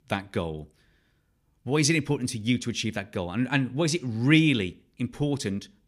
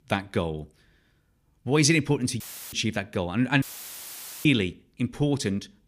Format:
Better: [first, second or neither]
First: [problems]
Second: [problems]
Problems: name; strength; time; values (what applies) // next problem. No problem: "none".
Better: first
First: none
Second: audio cutting out; filled with static; at 2.5 s and at 3.5 s for 1 s